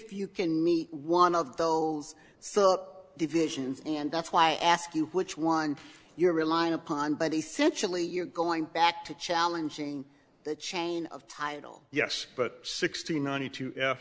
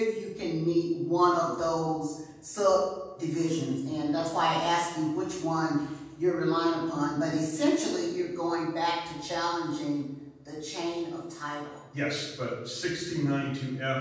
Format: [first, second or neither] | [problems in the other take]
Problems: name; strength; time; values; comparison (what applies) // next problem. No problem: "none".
first | room echo; dies away in 1.2 s